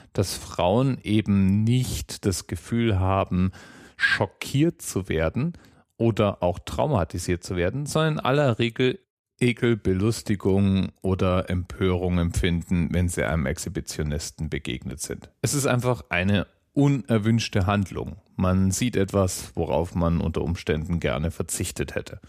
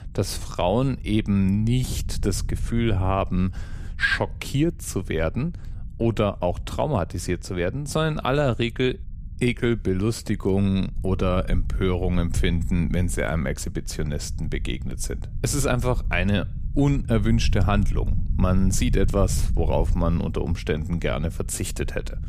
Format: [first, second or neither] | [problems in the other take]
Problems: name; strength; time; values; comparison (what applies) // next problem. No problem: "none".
first | low rumble; faint; throughout; 20 dB below the speech